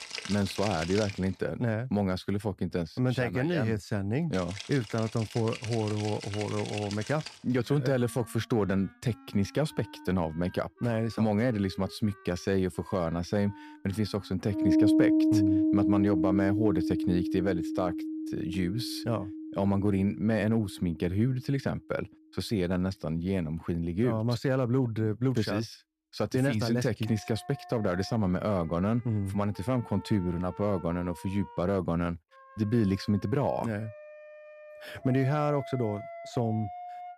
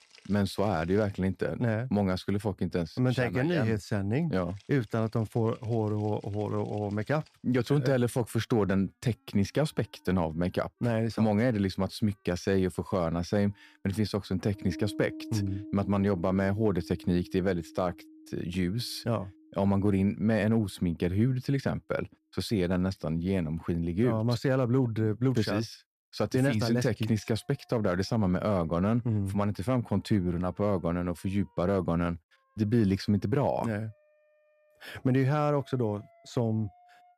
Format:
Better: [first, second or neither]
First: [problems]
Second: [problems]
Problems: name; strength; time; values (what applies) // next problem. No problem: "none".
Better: second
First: background music; loud; throughout; 2 dB below the speech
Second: background music; faint; throughout; 20 dB below the speech